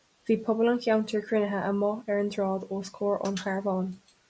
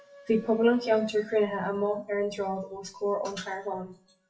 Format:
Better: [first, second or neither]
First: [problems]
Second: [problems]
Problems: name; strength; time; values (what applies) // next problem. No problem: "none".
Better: first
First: none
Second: noise reduction (classical method WPE with log-MMSE)